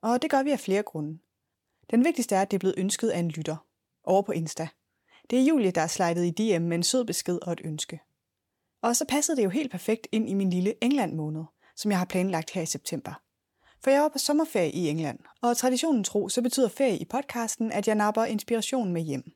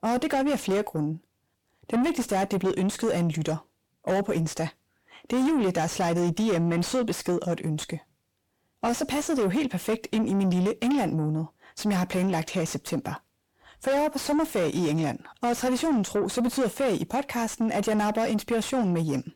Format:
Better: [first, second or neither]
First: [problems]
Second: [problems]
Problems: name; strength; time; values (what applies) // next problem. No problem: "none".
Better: first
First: none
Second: distortion; heavy; 8 dB below the speech